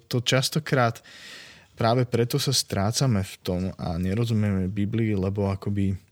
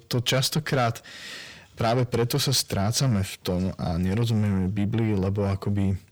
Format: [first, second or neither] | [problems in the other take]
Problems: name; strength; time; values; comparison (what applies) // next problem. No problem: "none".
first | distortion; slight; 10 dB below the speech